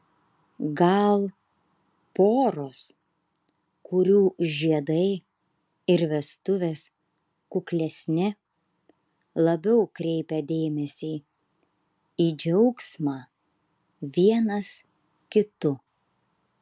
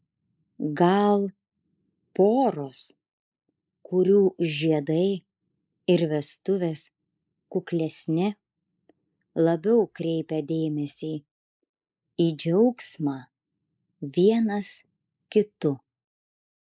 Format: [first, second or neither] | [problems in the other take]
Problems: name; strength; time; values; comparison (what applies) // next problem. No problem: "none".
first | noise reduction (neural mask model Resemble Enhance denoiser)